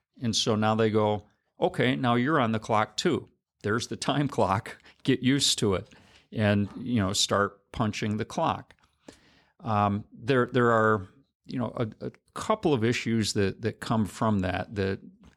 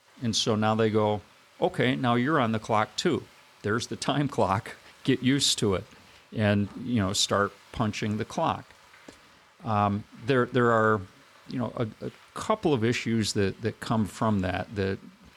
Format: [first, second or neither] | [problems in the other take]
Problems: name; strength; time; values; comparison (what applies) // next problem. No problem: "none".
first | household noises; faint; throughout; 25 dB below the speech